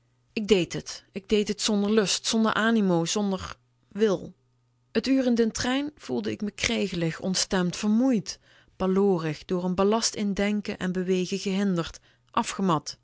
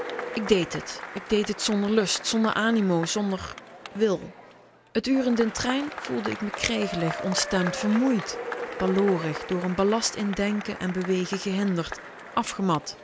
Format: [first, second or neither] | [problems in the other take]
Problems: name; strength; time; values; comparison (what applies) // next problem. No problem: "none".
first | background sound (Applause / Crowd / Cheering); 10 dB below the speech